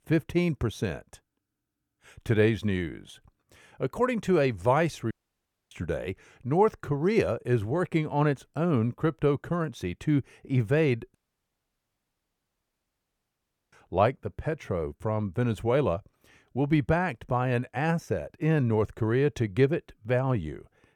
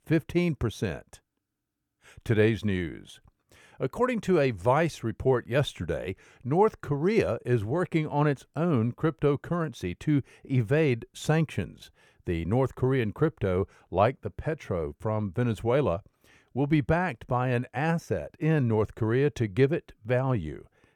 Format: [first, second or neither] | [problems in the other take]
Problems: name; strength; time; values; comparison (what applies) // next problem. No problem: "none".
second | audio cutting out; at 5 s for 0.5 s and at 11 s for 2.5 s